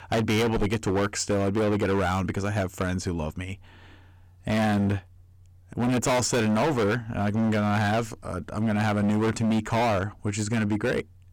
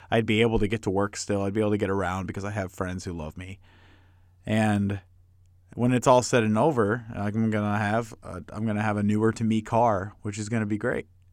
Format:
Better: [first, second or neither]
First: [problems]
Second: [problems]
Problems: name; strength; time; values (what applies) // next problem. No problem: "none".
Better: second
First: distortion; heavy; 20% of the sound clipped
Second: none